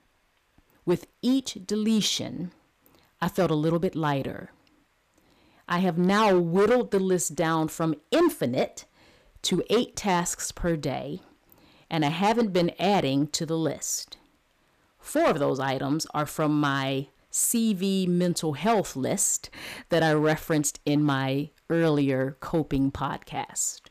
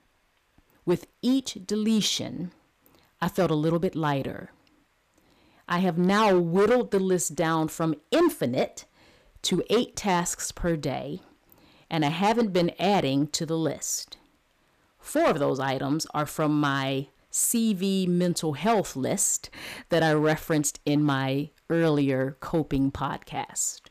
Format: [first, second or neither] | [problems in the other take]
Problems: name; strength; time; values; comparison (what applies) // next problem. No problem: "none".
neither | distortion; slight; 4% of the sound clipped; the same in both